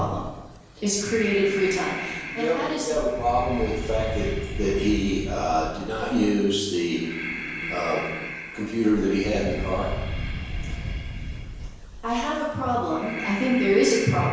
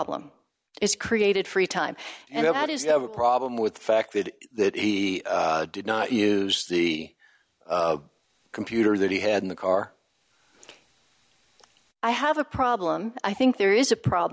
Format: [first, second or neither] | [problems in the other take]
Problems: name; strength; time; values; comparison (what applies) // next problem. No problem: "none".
second | background sound (Breathing); 7 dB below the speech // room echo; dies away in 1 s